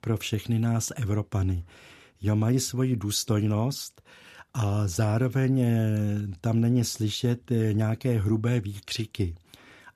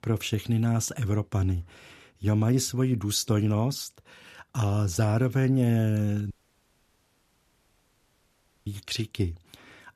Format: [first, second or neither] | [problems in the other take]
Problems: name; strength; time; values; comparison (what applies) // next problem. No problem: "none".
first | audio cutting out; at 6.5 s for 2.5 s